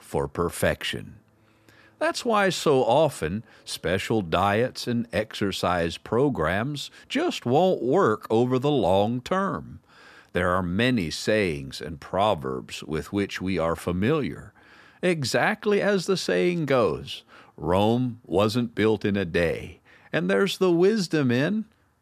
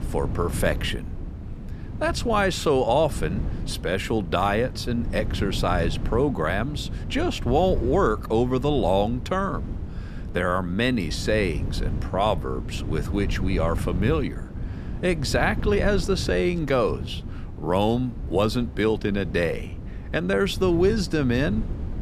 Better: first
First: none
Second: wind noise on the microphone; occasional gusts; 15 dB below the speech

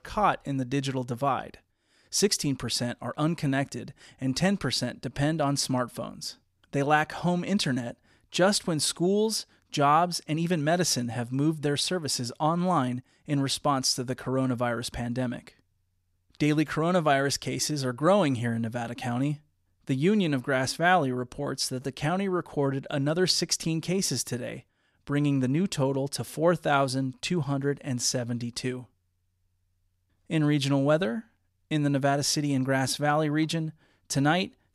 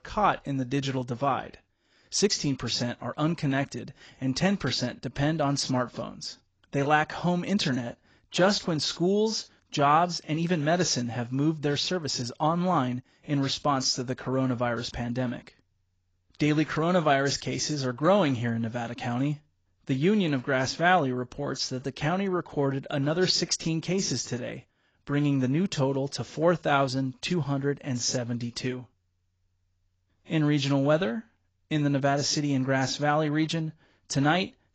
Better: first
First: none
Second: garbled, watery; badly; nothing above 7.5 kHz

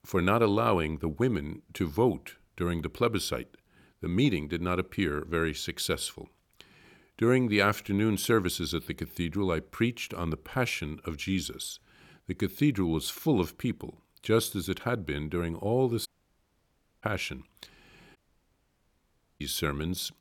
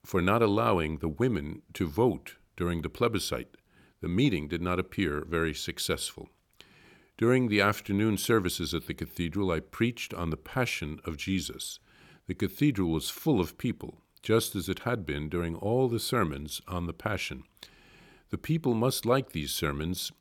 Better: second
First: audio cutting out; at 16 s for 1 s and at 18 s for 1 s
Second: none

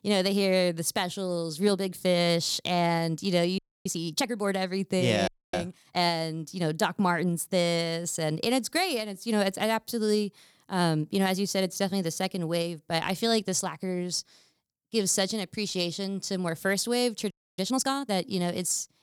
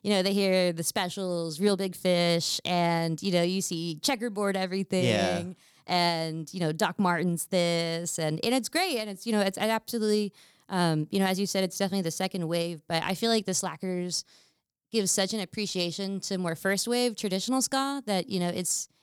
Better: second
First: audio freezing; at 3.5 s, at 5.5 s and at 17 s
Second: none

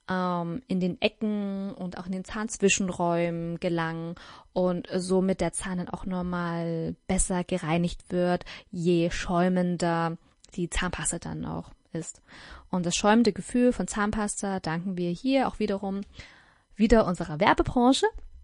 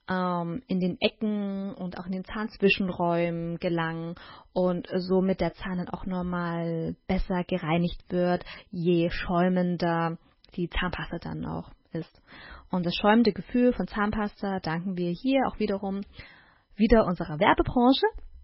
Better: first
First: garbled, watery; slightly; nothing above 10.5 kHz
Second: garbled, watery; badly; nothing above 5.5 kHz

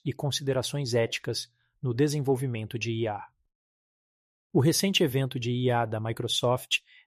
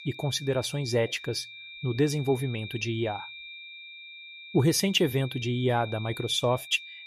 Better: first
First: none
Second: high-pitched whine; noticeable; throughout; 2.5 kHz, 15 dB below the speech

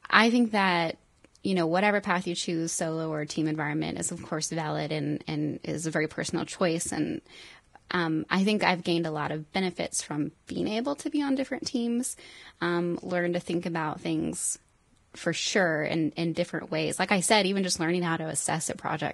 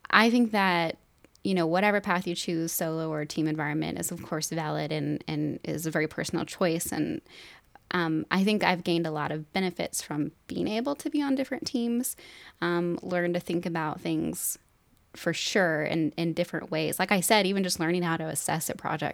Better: second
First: garbled, watery; badly; nothing above 10.5 kHz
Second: none

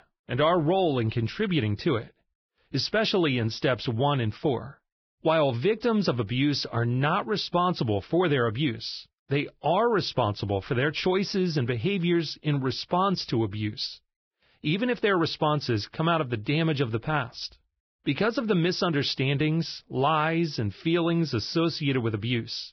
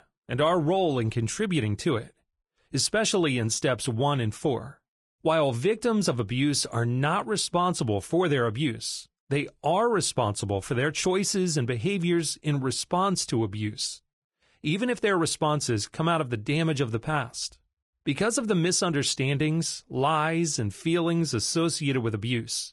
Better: second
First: garbled, watery; badly; nothing above 5.5 kHz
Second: garbled, watery; slightly; nothing above 10.5 kHz

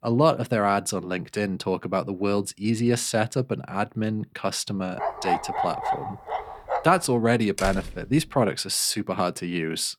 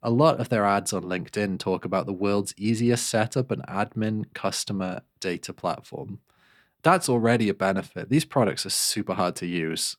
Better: second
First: dog barking; noticeable; from 5 to 7 s; peak 1 dB below the speech // door banging; noticeable; at 7.5 s; peak 8 dB below the speech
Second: none

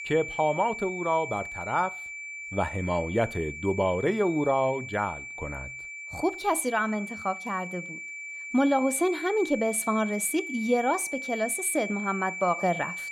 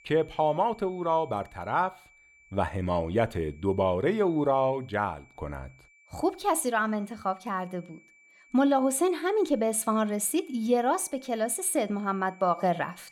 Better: second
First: high-pitched whine; loud; throughout; 2.5 kHz, 8 dB below the speech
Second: high-pitched whine; faint; throughout; 2.5 kHz, 30 dB below the speech

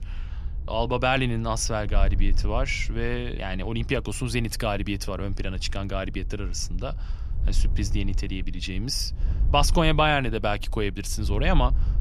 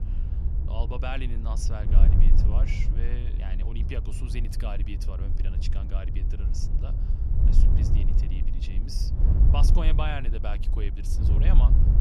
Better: first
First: wind noise on the microphone; occasional gusts; 25 dB below the speech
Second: wind noise on the microphone; heavy; 4 dB below the speech

